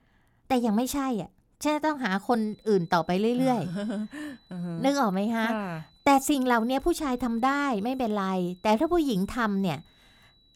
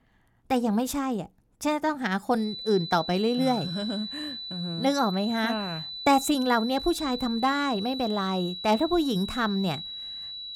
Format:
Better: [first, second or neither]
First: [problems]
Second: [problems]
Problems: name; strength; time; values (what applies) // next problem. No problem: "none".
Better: first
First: high-pitched whine; faint; from 2.5 s on; 4 kHz, 35 dB below the speech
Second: high-pitched whine; loud; from 2.5 s on; 4 kHz, 8 dB below the speech